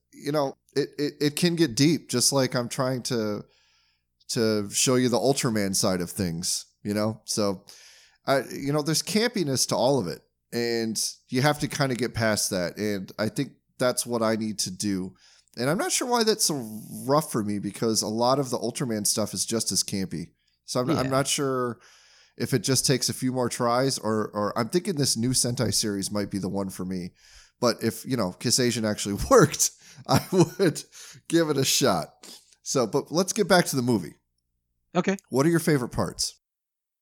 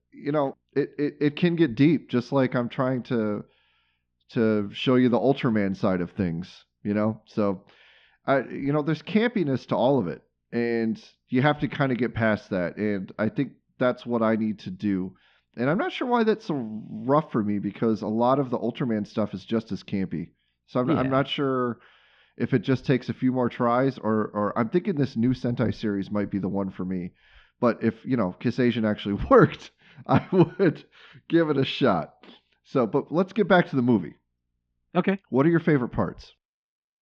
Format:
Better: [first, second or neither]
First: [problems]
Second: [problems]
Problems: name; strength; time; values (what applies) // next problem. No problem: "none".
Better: first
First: none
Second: muffled; very; fading above 3.5 kHz